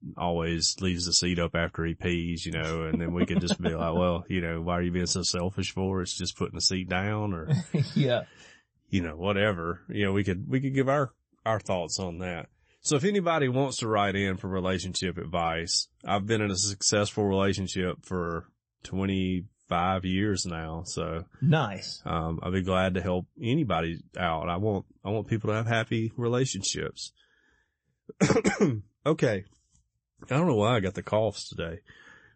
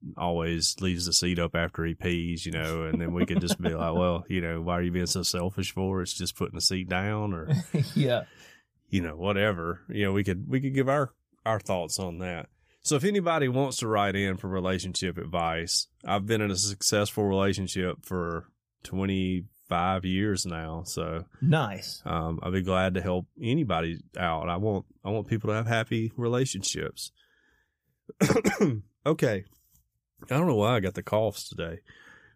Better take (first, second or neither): second